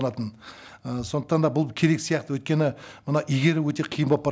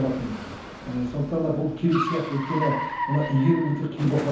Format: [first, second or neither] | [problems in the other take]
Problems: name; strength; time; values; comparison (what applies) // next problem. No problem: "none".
first | background sound (Car); 8 dB below the speech // room echo; dies away in 0.7 s